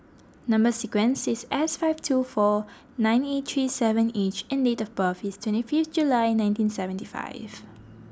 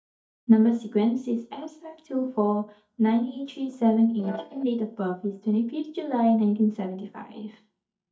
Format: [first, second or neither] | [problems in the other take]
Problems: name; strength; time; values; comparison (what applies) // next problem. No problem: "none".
first | noise reduction (neural mask model DeepFilterNet 3)